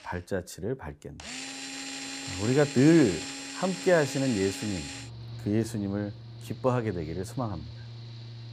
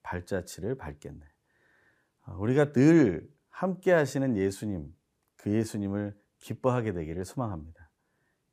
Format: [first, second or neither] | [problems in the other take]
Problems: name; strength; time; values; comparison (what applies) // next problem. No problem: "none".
second | machinery noise; noticeable; throughout; 10 dB below the speech